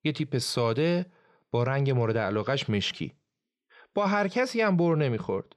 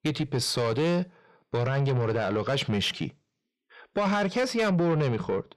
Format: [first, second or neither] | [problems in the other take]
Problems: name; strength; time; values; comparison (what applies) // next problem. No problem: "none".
first | distortion; slight; 10 dB below the speech